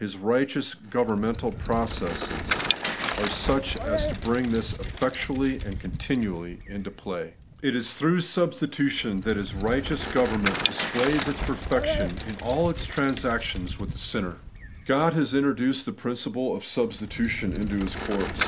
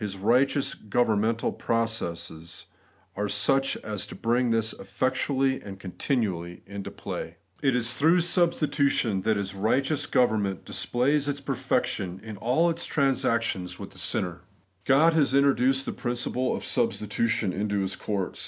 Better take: second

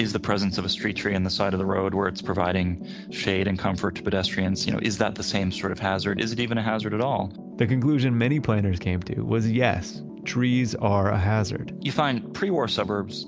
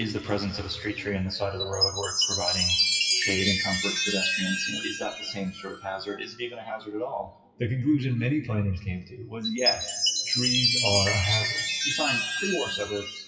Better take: first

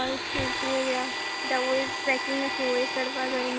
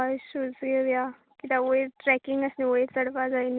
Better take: second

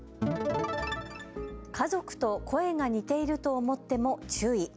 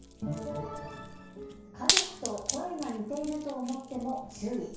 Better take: first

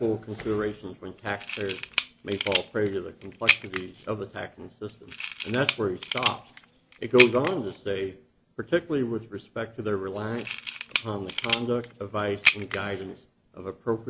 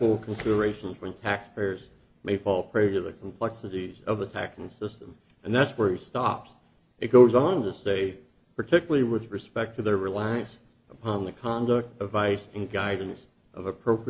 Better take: second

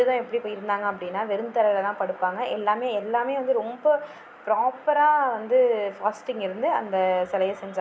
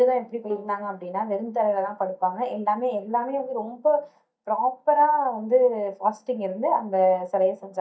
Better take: first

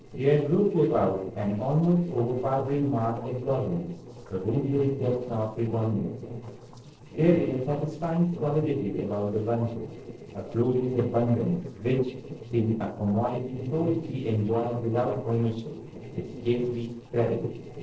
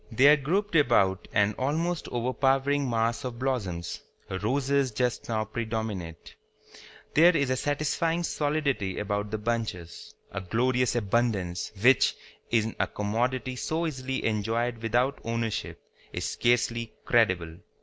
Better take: second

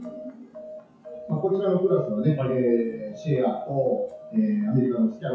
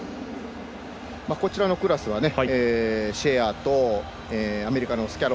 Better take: second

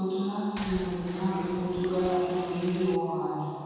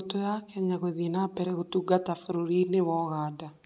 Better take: second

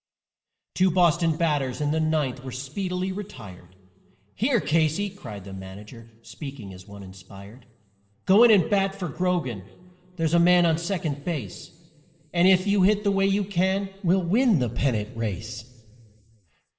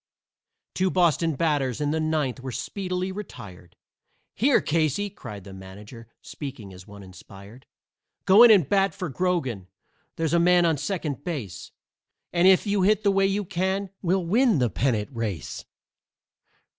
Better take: second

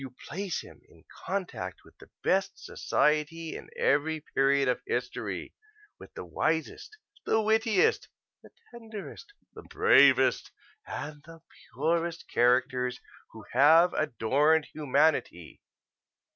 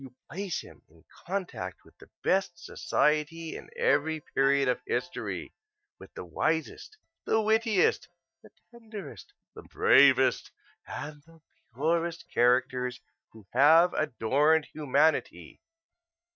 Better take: first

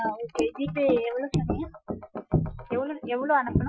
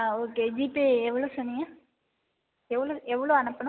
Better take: second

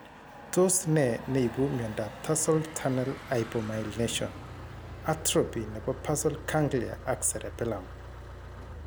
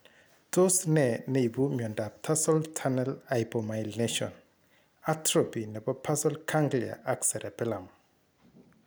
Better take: second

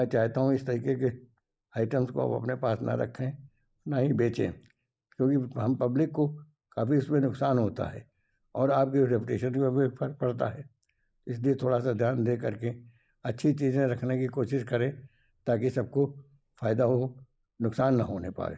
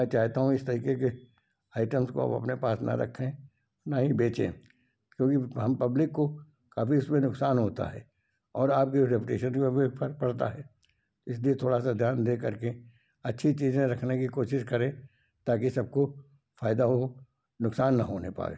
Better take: second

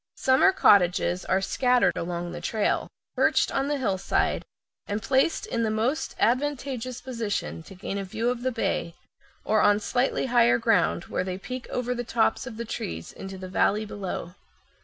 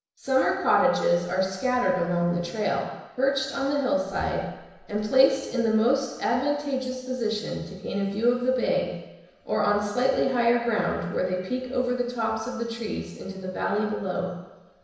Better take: first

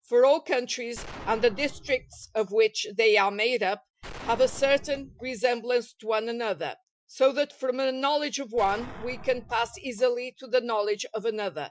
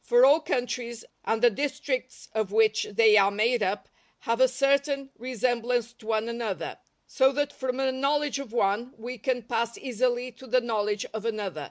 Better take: second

